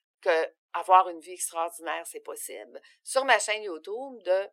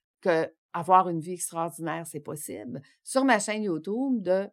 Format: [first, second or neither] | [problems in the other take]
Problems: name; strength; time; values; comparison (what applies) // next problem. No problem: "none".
second | thin; very; fading below 400 Hz